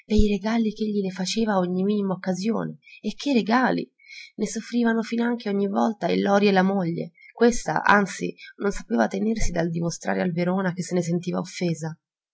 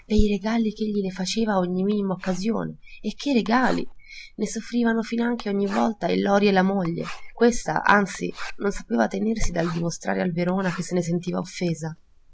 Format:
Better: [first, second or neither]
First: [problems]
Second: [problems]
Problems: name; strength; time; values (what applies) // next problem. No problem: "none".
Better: first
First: none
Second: background sound (Writing); 16 dB below the speech